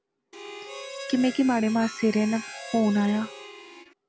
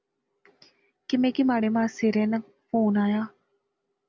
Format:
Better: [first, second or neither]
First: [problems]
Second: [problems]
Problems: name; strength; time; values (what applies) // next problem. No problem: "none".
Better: second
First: background sound (Harmonica); 13 dB below the speech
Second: none